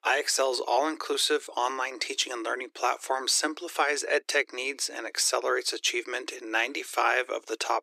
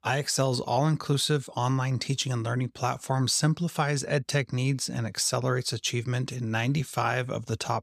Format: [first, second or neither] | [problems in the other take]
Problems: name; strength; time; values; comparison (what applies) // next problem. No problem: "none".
second | thin; very; fading below 300 Hz